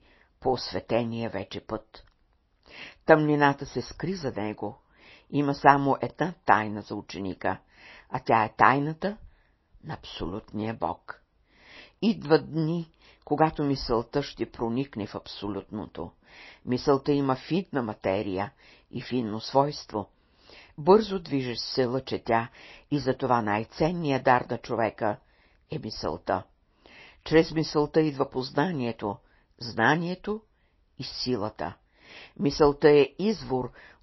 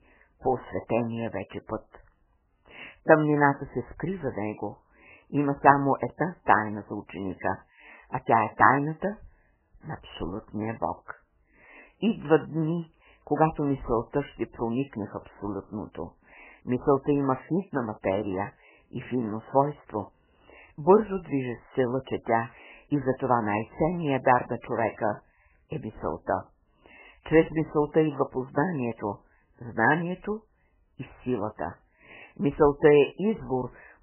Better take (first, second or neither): first